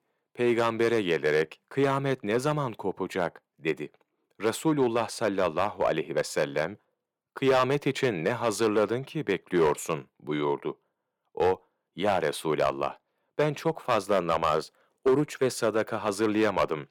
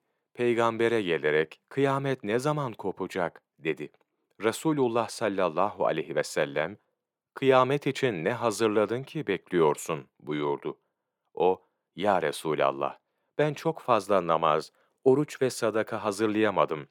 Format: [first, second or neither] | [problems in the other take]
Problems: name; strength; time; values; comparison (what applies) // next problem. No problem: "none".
second | distortion; slight; 3% of the sound clipped